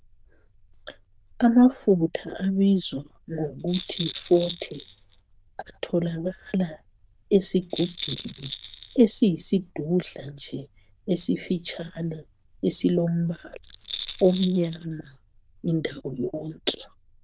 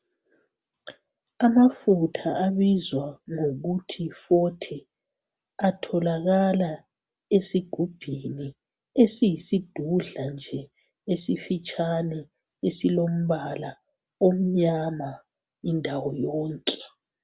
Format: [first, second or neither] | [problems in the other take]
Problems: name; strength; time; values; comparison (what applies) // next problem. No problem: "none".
second | noise reduction (neural diffusion model UNIVERSE++)